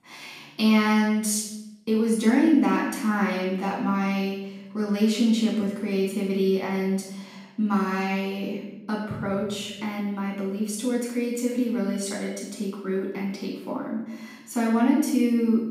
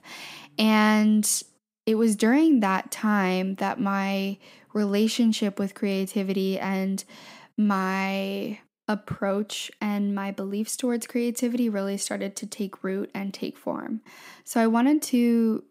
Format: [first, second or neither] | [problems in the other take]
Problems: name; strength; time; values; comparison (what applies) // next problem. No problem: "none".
second | off-mic speech; far // room echo; noticeable; dies away in 0.8 s